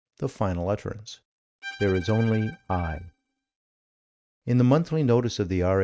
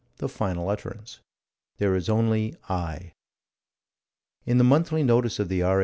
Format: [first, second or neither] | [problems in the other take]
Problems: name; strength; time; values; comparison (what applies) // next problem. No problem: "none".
second | noise reduction (neural mask model RNNoise)